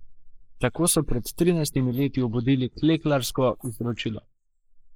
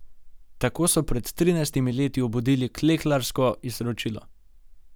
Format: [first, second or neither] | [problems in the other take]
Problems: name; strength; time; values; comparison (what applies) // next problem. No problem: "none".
second | noise reduction (neural mask model Resemble Enhance denoiser)